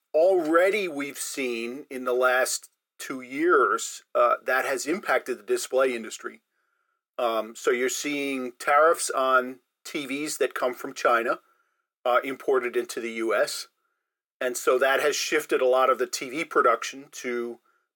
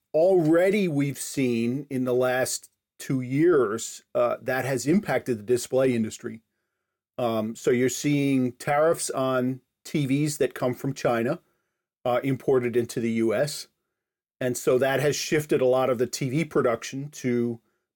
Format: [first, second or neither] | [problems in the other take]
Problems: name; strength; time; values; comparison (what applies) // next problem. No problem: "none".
second | thin; somewhat; fading below 400 Hz